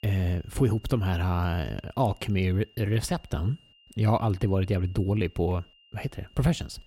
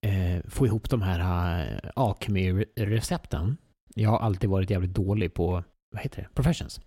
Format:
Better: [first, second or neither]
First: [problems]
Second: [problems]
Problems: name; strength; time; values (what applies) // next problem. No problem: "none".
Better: second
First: high-pitched whine; faint; throughout; 3 kHz, 30 dB below the speech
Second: none